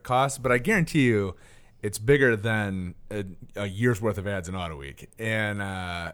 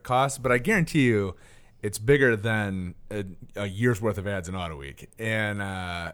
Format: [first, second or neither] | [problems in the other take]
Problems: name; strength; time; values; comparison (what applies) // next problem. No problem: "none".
neither | none